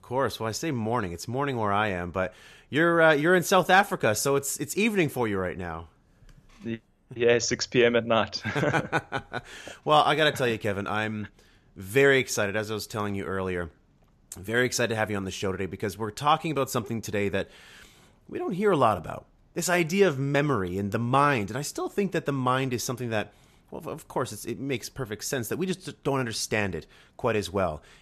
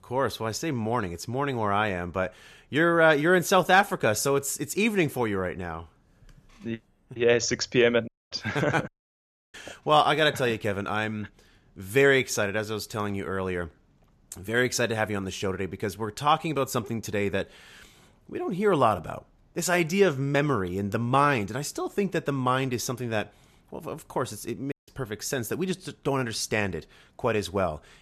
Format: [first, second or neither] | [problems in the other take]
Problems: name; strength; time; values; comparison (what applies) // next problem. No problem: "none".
first | audio cutting out; at 8 s, at 9 s for 0.5 s and at 25 s